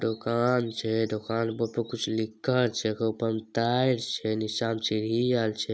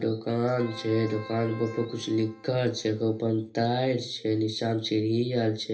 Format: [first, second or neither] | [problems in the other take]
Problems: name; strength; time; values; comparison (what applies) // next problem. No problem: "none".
first | background sound (Keyboard (musical)); 19 dB below the speech // room echo; dies away in 0.3 s